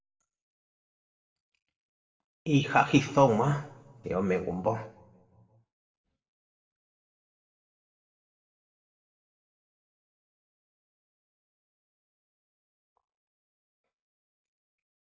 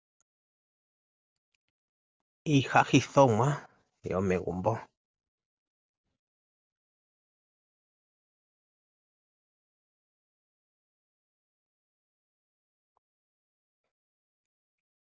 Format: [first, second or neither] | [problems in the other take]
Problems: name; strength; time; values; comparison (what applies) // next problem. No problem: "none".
second | room echo; dies away in 0.6 s